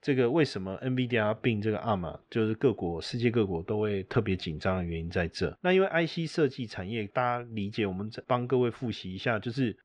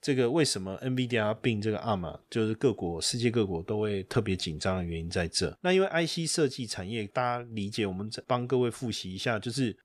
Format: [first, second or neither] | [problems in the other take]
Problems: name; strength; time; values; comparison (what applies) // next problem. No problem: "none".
second | muffled; slightly; fading above 2.5 kHz